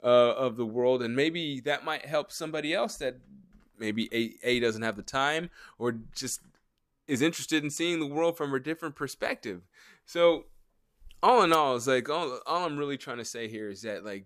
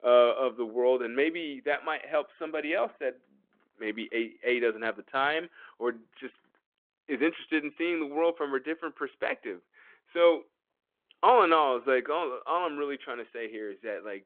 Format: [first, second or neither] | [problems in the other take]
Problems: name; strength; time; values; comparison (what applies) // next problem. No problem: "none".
first | phone-call audio